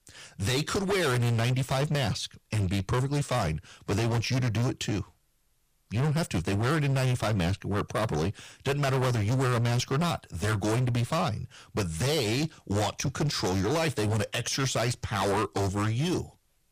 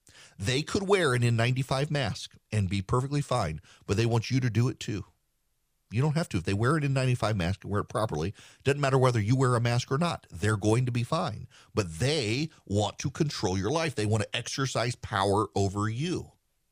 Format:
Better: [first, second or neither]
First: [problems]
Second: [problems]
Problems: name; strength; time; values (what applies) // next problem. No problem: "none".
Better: second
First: distortion; heavy; 27% of the sound clipped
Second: none